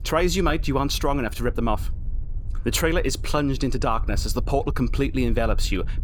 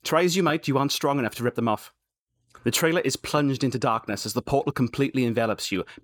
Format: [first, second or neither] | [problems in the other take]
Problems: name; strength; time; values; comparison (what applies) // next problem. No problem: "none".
second | wind noise on the microphone; occasional gusts; 25 dB below the speech